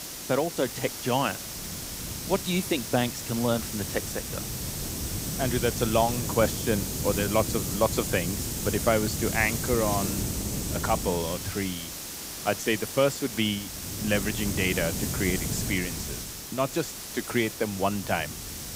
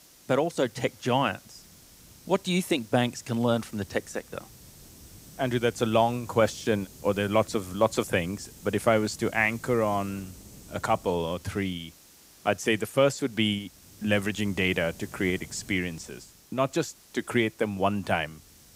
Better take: second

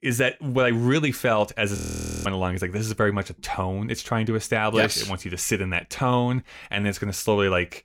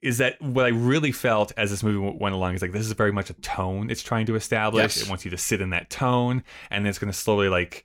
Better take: second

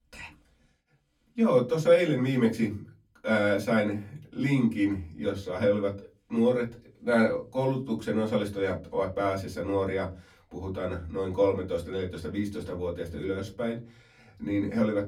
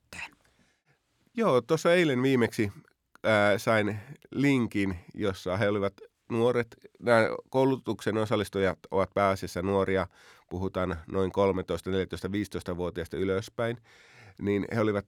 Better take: second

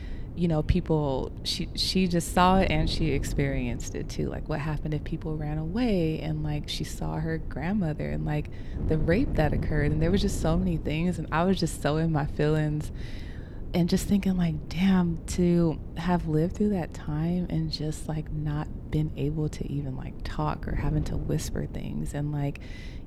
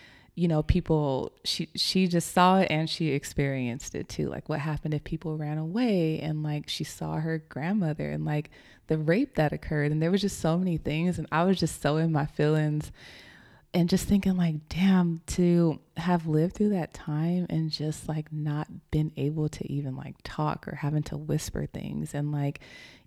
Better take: second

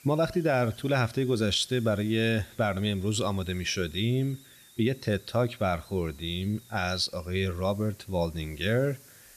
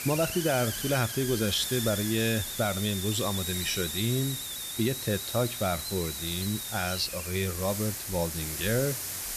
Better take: first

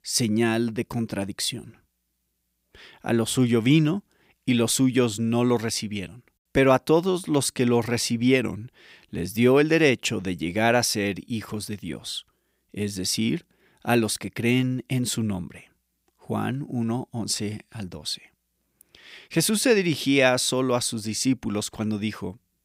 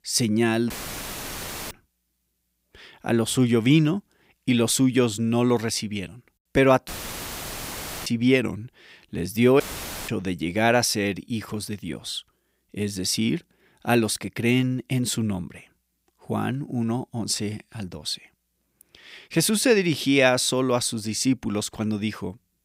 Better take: first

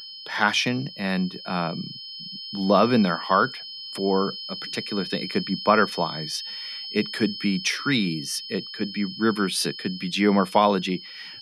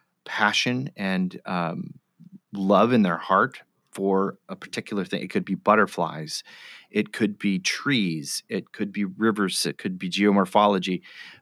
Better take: second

